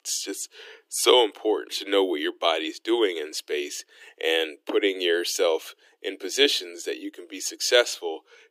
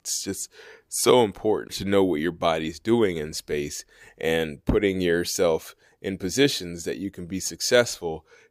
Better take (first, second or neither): second